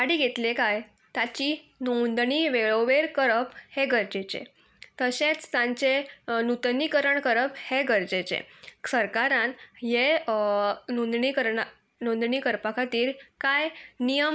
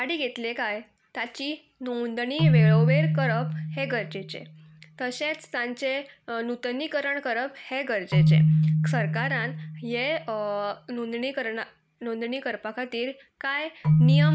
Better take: first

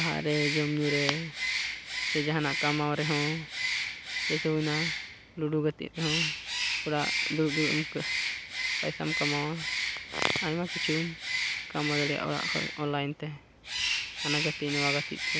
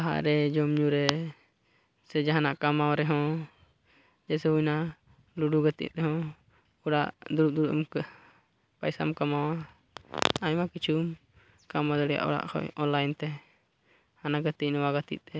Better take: second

